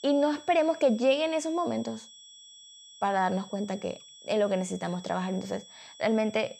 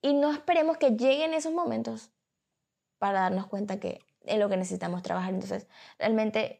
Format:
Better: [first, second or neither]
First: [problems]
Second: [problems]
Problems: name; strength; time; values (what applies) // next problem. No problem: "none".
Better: second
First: high-pitched whine; noticeable; throughout; 3.5 kHz, 20 dB below the speech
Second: none